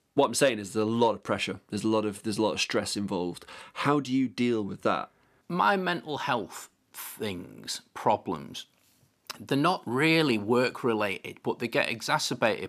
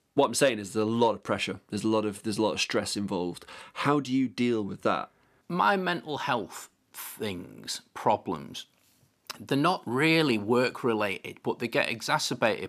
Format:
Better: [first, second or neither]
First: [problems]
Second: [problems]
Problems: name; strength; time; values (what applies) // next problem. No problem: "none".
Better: neither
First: none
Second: none